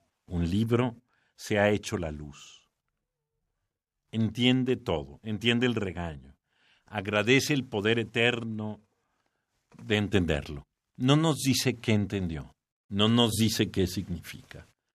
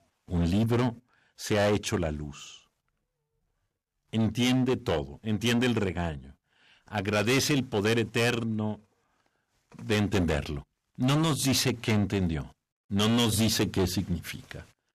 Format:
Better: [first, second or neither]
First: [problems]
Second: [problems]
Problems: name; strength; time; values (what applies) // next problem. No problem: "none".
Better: first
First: none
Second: distortion; heavy; 12% of the sound clipped